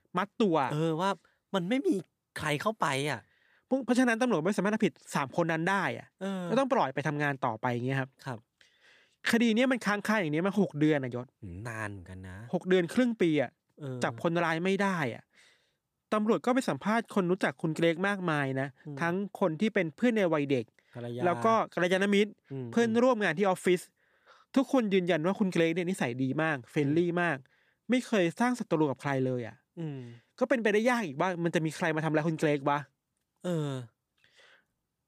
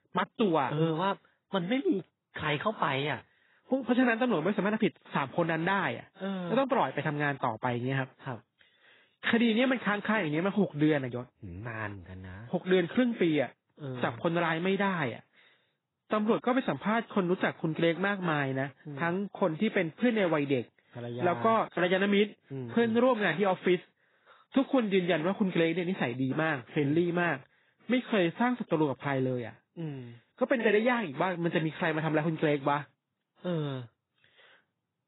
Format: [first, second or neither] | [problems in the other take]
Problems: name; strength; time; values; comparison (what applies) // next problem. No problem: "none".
first | garbled, watery; badly; nothing above 4 kHz